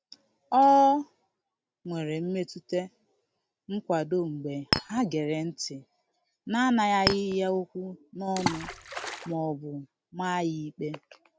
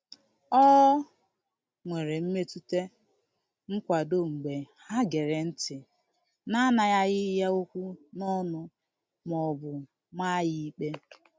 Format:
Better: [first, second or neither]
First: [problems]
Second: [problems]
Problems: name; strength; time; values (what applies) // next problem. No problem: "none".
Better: second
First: background sound (Water / Splash, splatter + Chink, clink); 3 dB below the speech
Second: none